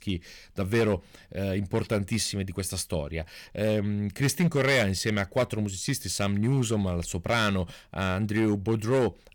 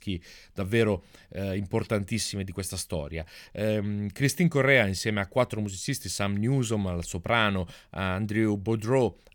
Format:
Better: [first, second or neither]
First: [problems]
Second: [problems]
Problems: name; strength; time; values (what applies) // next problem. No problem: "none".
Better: second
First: distortion; slight; 5% of the sound clipped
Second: none